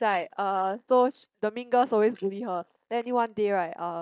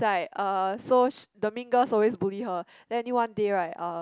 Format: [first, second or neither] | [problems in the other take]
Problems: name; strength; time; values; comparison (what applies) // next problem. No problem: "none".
second | noise reduction (neural mask model DeepFilterNet 3)